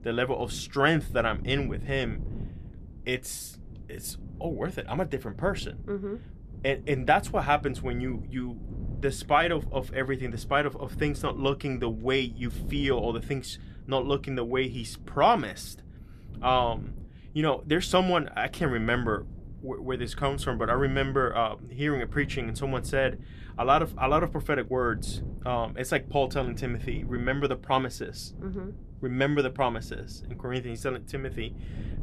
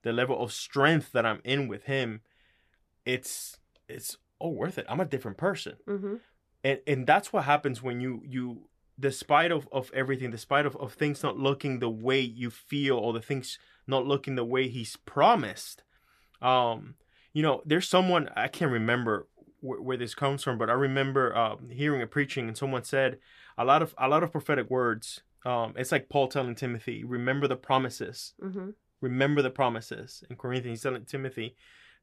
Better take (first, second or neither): second